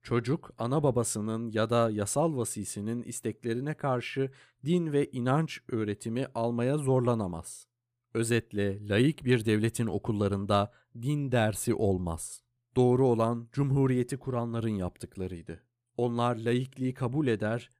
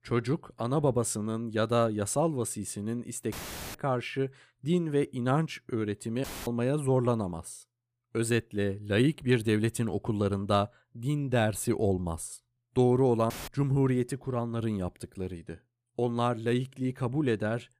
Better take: first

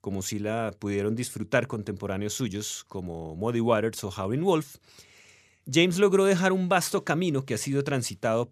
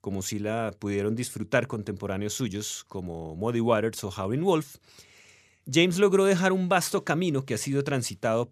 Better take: neither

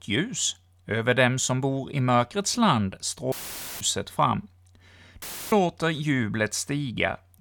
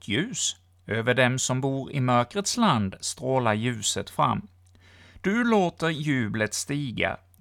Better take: second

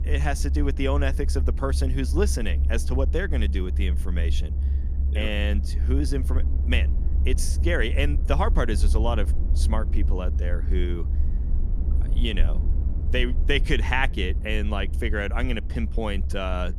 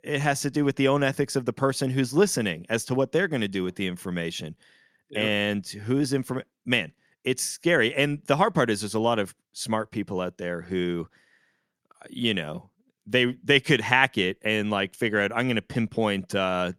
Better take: second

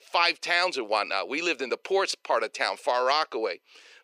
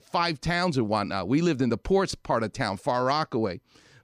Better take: second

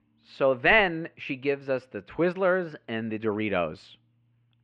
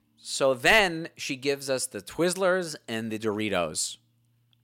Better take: second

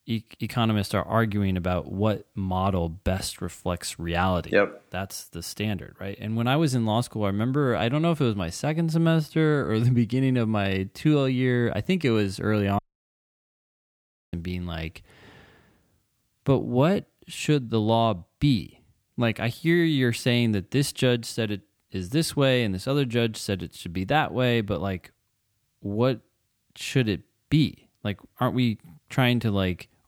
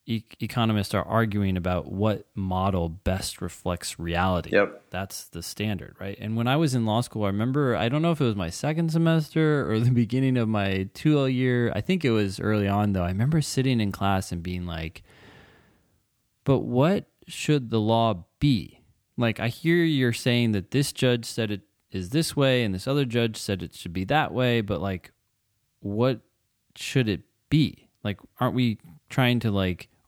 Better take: second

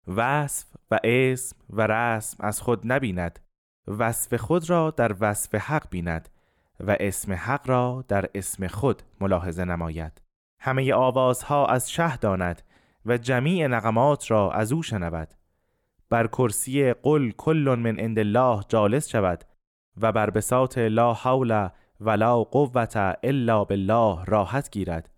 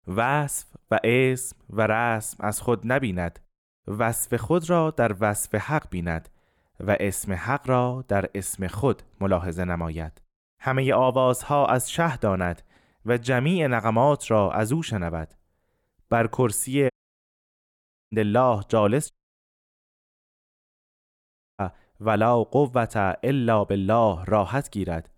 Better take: first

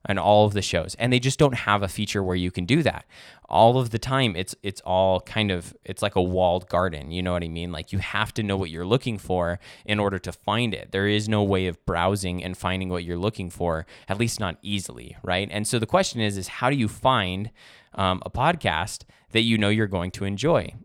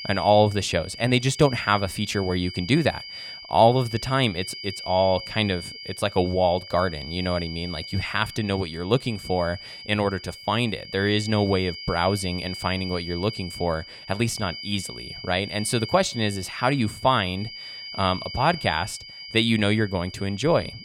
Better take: first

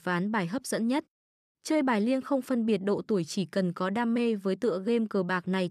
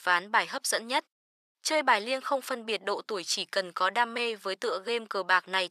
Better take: first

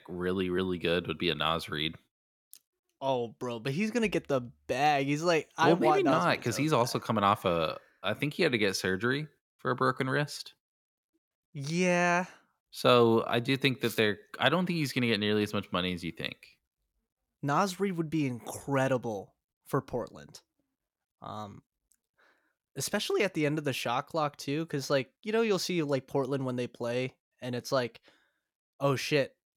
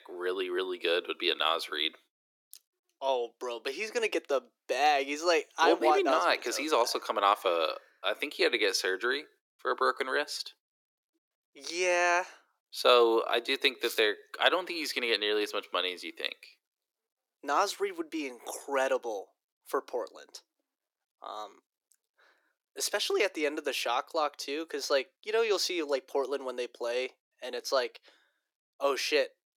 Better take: first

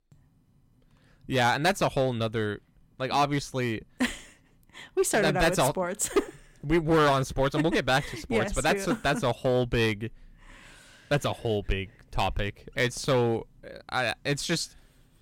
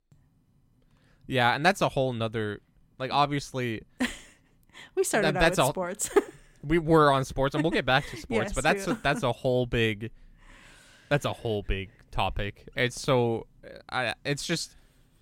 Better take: second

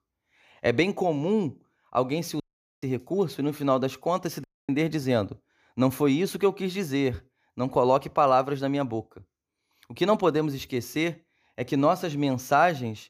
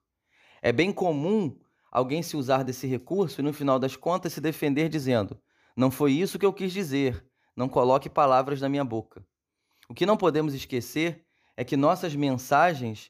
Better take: second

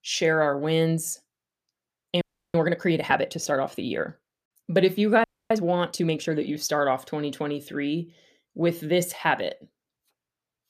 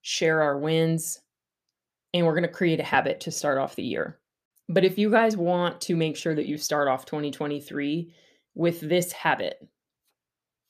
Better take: second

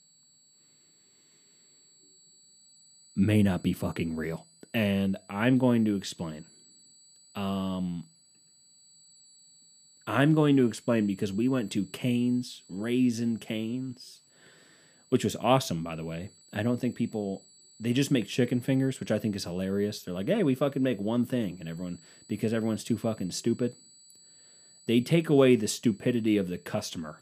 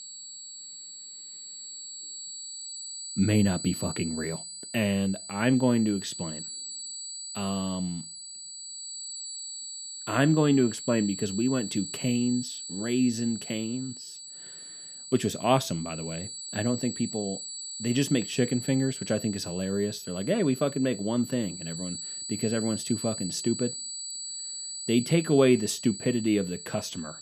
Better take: first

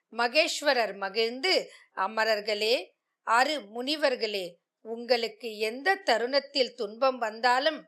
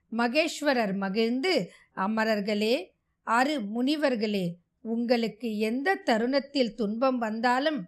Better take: second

